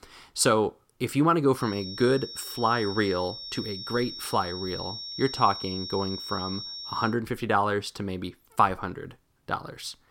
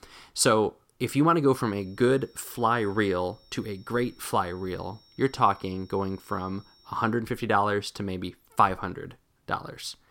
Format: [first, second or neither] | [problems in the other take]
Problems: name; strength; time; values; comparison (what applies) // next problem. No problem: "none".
second | high-pitched whine; loud; from 1.5 to 7 s; 5.5 kHz, 8 dB below the speech; faint in the second